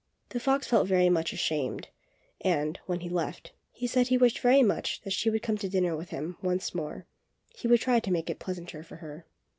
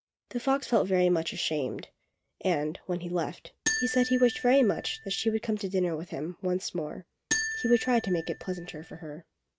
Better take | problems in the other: first | noise reduction (neural mask model RNNoise)

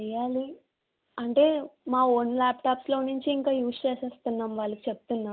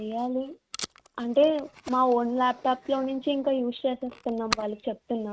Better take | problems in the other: first | noise reduction (neural mask model RNNoise)

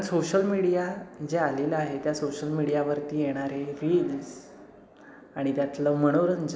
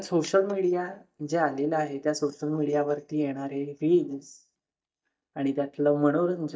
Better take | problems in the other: first | noise reduction (neural mask model DeepFilterNet 3)

